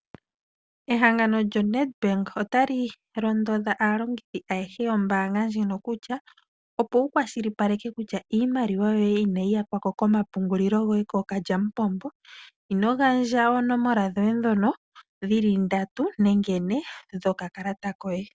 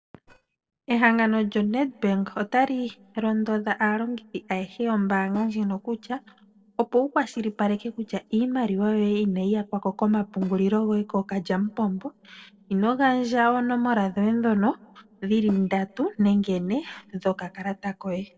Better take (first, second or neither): first